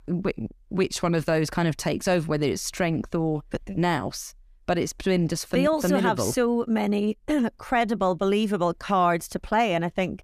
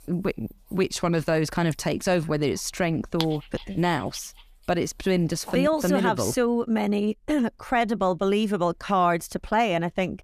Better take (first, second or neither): first